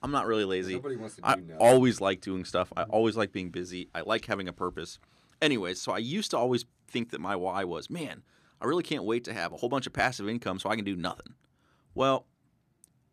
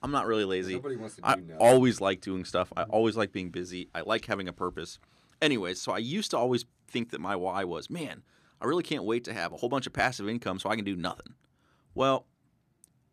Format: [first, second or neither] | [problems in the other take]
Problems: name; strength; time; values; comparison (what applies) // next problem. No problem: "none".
neither | none